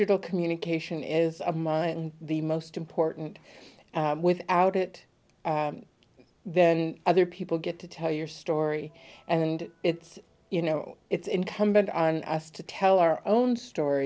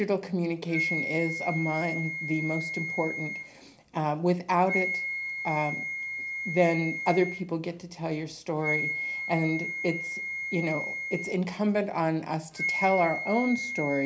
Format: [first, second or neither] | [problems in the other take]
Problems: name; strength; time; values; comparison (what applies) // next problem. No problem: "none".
first | background sound (Wind instrument, woodwind instrument); 5 dB below the speech // room echo; dies away in 0.4 s